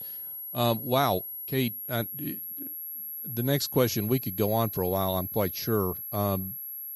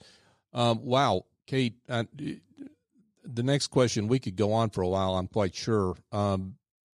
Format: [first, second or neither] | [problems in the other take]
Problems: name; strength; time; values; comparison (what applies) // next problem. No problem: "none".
second | high-pitched whine; loud; throughout; 11.5 kHz, 6 dB below the speech